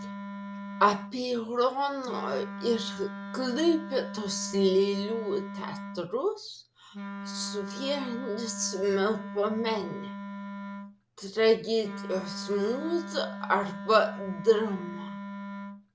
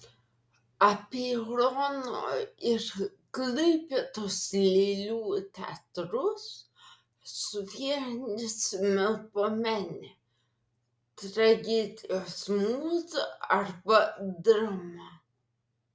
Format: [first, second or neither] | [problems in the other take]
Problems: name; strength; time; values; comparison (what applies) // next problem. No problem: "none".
second | background sound (Wind instrument, woodwind instrument); 10 dB below the speech